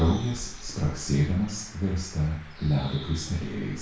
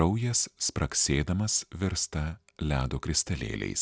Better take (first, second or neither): second